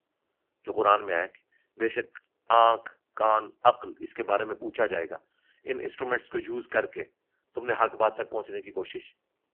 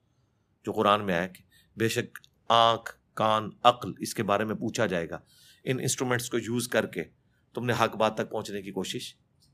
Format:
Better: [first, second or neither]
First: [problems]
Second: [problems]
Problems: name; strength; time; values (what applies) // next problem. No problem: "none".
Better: second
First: phone-call audio; poor line; nothing above 3 kHz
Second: none